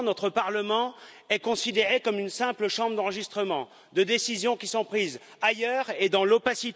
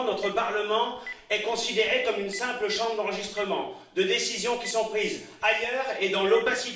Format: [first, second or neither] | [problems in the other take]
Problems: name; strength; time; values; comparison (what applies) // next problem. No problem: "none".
first | background sound (Telephone); 18 dB below the speech // room echo; dies away in 0.5 s